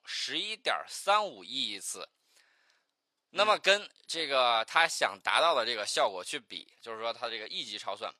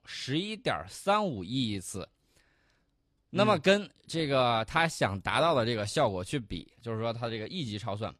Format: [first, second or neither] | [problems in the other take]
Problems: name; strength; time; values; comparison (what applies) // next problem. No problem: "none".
second | thin; very; fading below 700 Hz